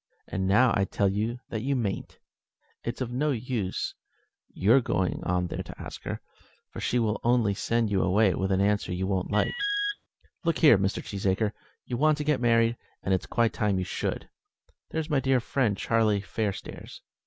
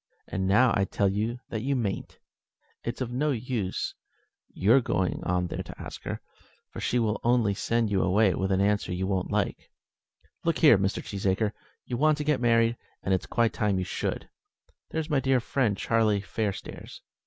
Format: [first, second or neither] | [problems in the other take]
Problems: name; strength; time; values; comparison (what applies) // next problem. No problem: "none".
second | background sound (Alarm); 6 dB below the speech